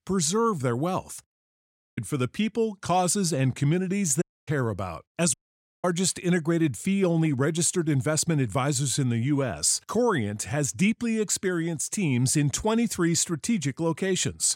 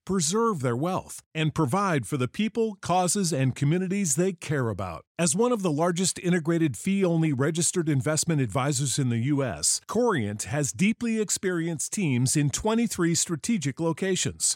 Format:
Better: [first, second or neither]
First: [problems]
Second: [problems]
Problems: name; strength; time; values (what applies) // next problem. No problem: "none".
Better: second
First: audio cutting out; at 1.5 s for 0.5 s, at 4 s and at 5.5 s for 0.5 s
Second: none